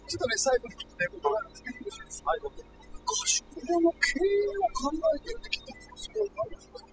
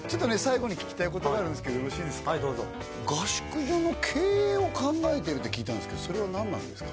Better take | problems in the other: second | noise reduction (classical method spectral subtraction)

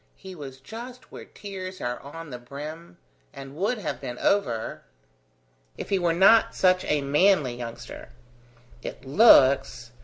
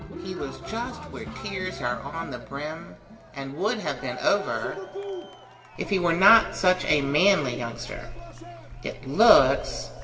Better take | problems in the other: first | background sound (Cheering); 14 dB below the speech // room echo; dies away in 1.3 s

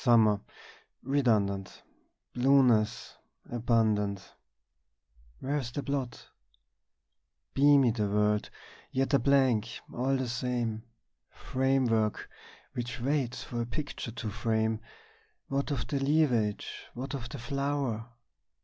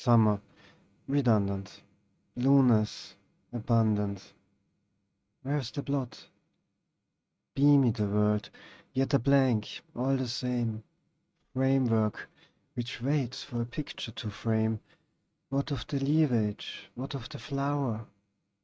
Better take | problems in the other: first | noise reduction (neural mask model RNNoise)

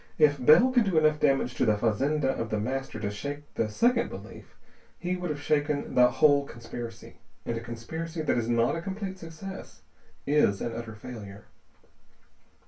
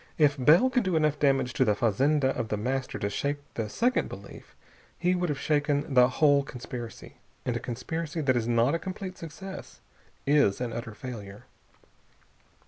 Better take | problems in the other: second | room echo; dies away in 0.2 s

